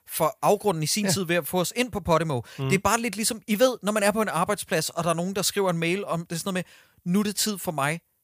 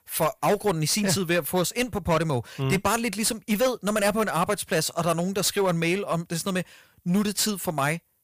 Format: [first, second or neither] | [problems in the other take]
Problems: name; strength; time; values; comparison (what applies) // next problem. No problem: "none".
first | distortion; slight; 8% of the sound clipped